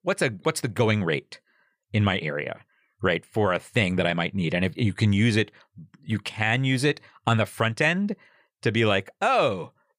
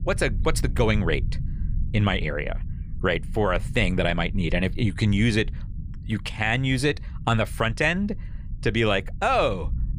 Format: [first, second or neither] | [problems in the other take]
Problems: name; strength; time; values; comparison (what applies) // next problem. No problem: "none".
first | low rumble; faint; throughout; 25 dB below the speech